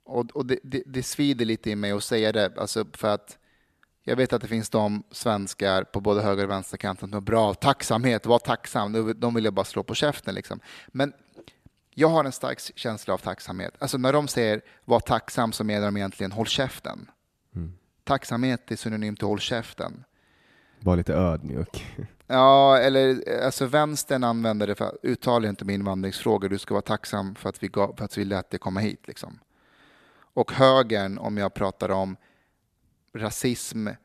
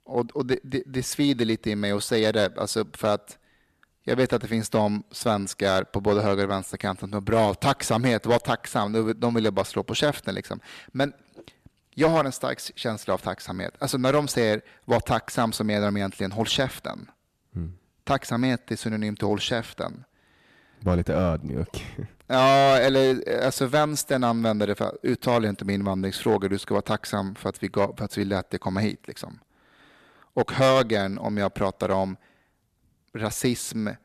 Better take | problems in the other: first | distortion; slight; 3% of the sound clipped

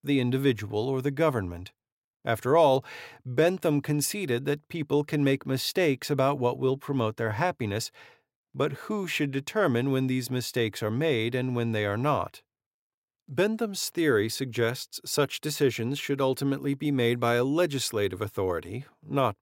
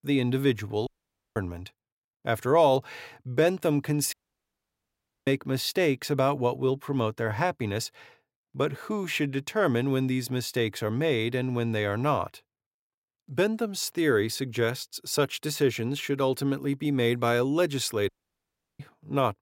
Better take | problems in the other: first | audio cutting out; at 1 s, at 4 s for 1 s and at 18 s for 0.5 s

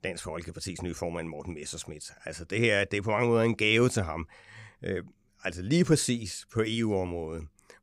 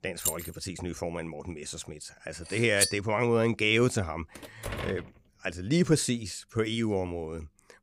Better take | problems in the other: first | jangling keys; noticeable; at the start; peak 2 dB below the speech // clattering dishes; loud; at 3 s; peak 2 dB above the speech // door banging; noticeable; at 4.5 s; peak 7 dB below the speech

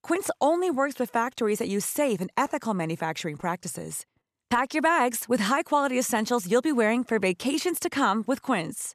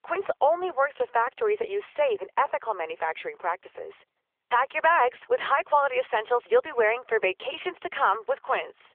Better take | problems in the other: first | phone-call audio

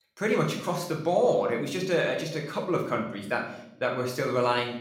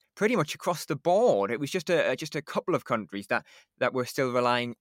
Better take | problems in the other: second | room echo; slight; dies away in 0.7 s // off-mic speech; somewhat distant

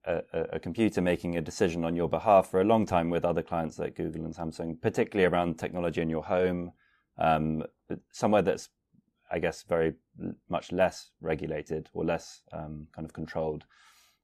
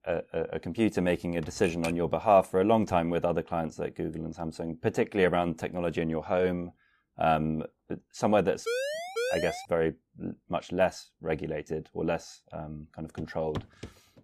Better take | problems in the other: first | keyboard typing; noticeable; at 1.5 s; peak 9 dB below the speech // siren; noticeable; at 8.5 s; peak 2 dB below the speech // footsteps; faint; at 13 s; peak 10 dB below the speech

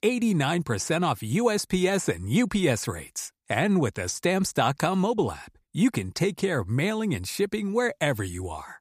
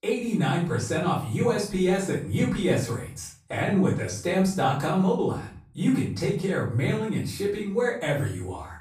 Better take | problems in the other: first | room echo; noticeable; dies away in 0.5 s // off-mic speech; far

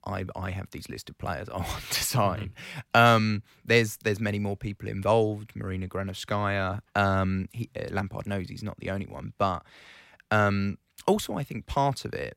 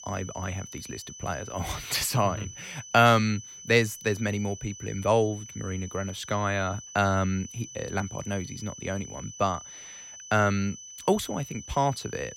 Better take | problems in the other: first | high-pitched whine; noticeable; throughout; 6 kHz, 15 dB below the speech

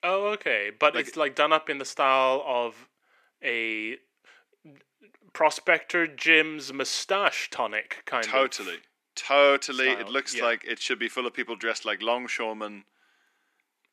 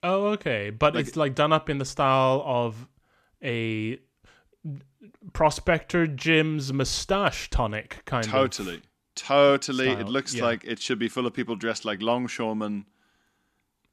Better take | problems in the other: second | thin; somewhat; fading below 350 Hz

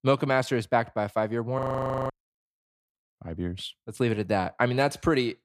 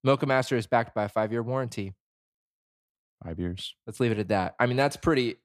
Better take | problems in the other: second | audio freezing; at 1.5 s

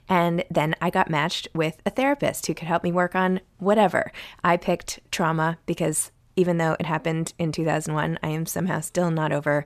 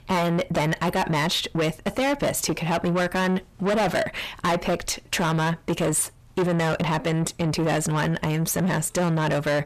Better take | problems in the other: first | distortion; heavy; 5 dB below the speech

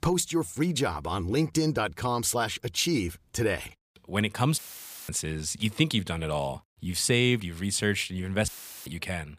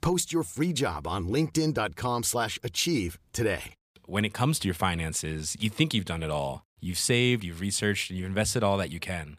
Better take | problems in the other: second | audio cutting out; filled with static; at 4.5 s for 0.5 s and at 8.5 s

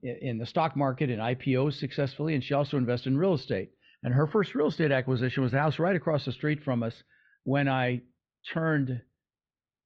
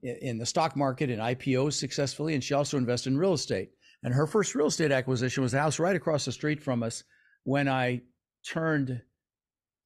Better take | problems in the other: second | muffled; slightly; fading above 3.5 kHz

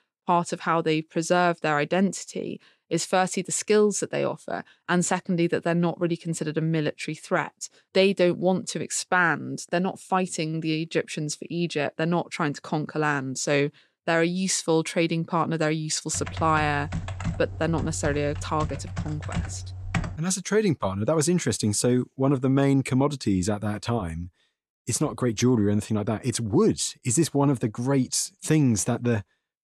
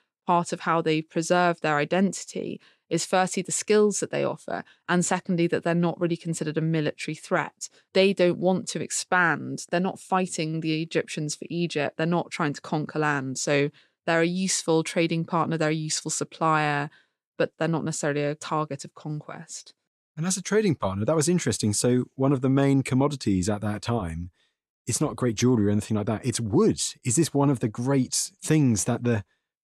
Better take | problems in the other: second | keyboard typing; noticeable; from 16 to 20 s; peak 5 dB below the speech

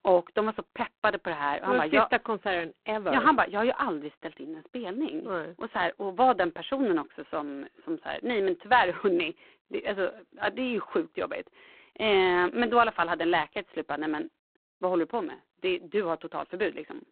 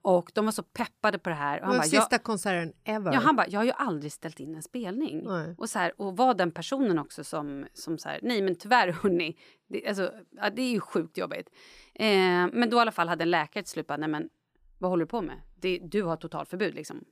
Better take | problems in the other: second | phone-call audio; poor line; nothing above 3.5 kHz

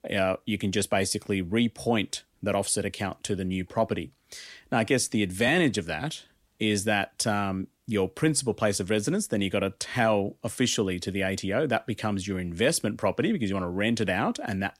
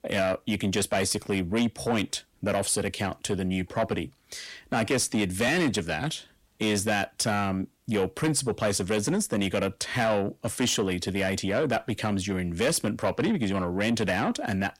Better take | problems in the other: first | distortion; slight; 10 dB below the speech

